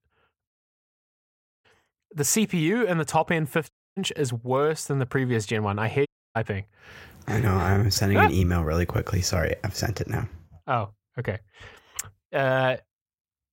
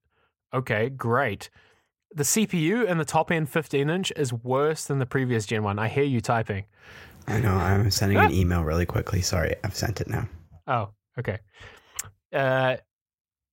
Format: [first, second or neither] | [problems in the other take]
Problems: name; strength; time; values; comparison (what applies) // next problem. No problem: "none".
second | audio cutting out; at 0.5 s for 1 s, at 3.5 s and at 6 s